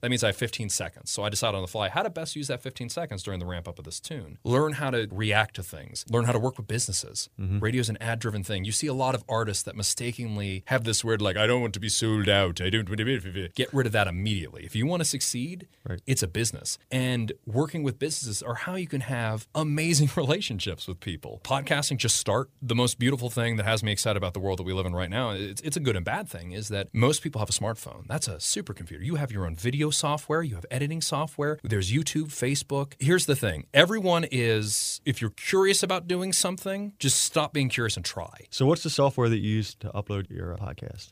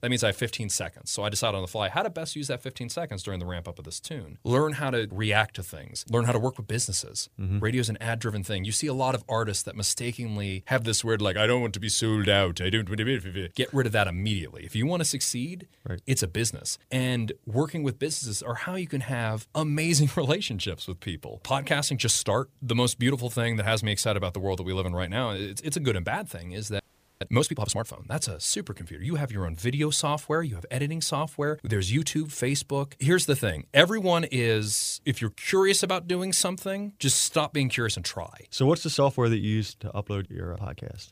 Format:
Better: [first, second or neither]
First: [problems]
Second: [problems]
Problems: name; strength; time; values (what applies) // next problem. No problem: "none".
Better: first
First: none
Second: audio freezing; at 27 s